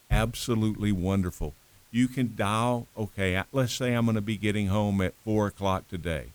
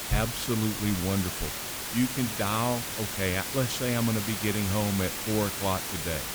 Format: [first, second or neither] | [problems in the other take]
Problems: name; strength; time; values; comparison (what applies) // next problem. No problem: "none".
first | hiss; loud; throughout; 2 dB below the speech; faint in the first